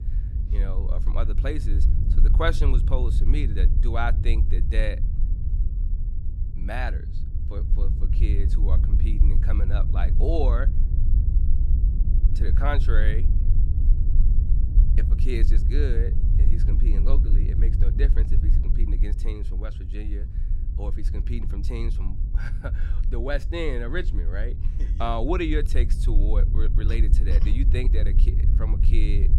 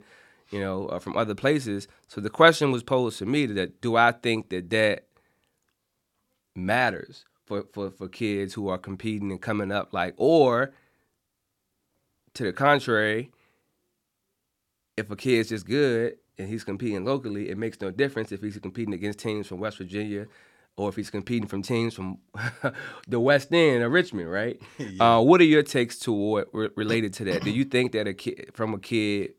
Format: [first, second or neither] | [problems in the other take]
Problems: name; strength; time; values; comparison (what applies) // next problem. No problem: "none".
second | low rumble; loud; throughout; 9 dB below the speech